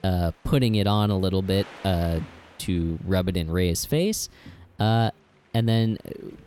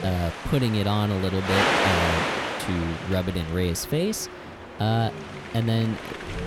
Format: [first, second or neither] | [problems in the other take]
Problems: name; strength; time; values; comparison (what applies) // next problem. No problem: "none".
first | wind noise on the microphone; heavy; 3 dB above the speech; occasional gusts in the first